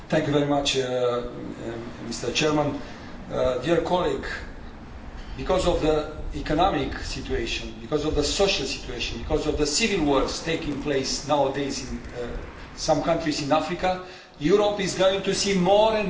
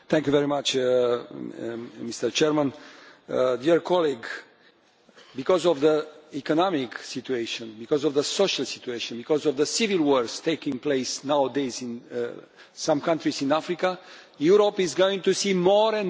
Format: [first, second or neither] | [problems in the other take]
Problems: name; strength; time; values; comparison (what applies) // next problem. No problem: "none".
second | background sound (Bird); 12 dB below the speech // room echo; dies away in 0.7 s